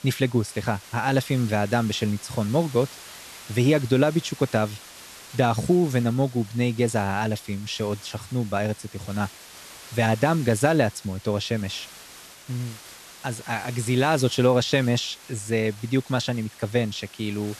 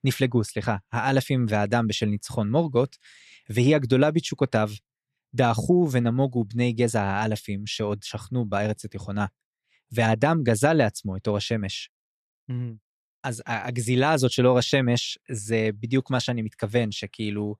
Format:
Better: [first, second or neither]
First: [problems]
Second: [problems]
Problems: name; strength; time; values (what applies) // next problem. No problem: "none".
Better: second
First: hiss; noticeable; throughout; 20 dB below the speech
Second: none